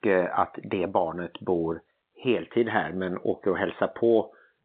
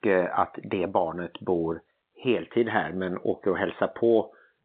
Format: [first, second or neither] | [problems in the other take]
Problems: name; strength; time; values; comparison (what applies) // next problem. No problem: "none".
neither | phone-call audio; the same in both